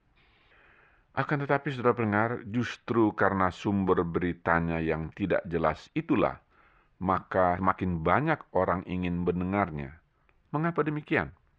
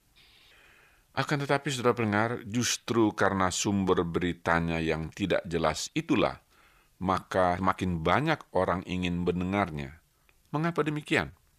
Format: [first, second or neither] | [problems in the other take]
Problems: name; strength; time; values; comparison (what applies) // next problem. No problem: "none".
second | muffled; very; fading above 1.5 kHz